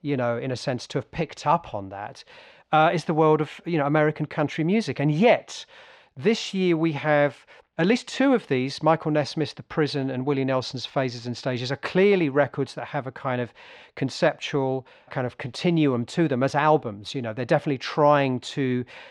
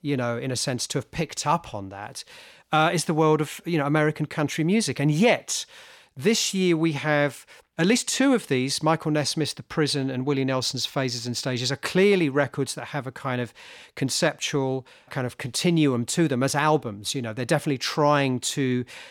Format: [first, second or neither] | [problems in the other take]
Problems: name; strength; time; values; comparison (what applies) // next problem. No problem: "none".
second | muffled; slightly; fading above 3.5 kHz